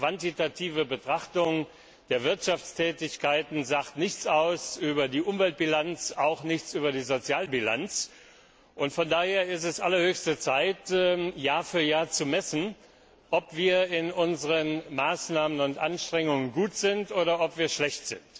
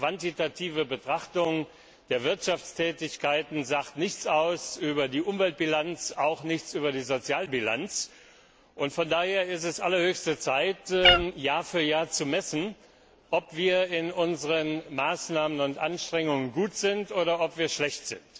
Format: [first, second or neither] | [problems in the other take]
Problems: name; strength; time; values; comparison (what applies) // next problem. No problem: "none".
first | background sound (Meow); 4 dB above the speech